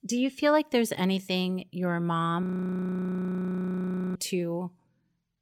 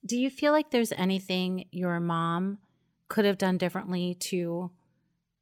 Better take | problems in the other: second | audio freezing; at 2.5 s for 1.5 s

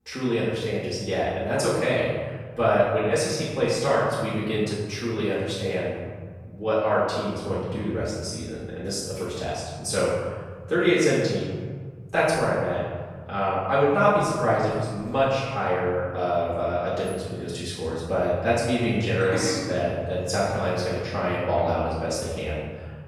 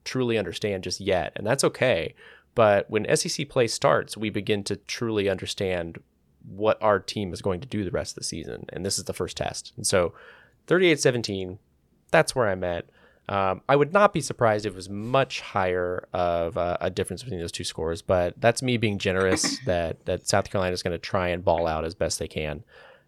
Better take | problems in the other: second | room echo; strong; dies away in 1.8 s // off-mic speech; far

